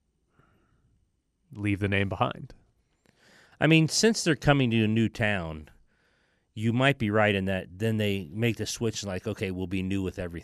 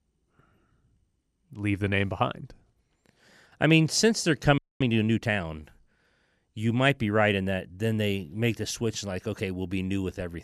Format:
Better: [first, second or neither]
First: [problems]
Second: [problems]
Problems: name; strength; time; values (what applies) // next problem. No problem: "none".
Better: first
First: none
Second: audio freezing; at 4.5 s